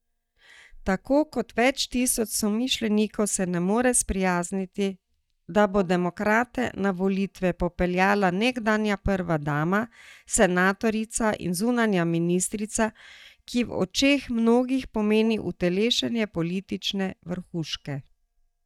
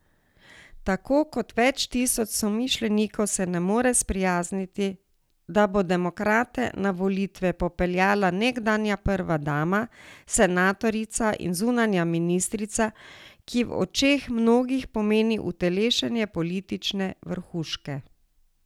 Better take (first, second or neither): second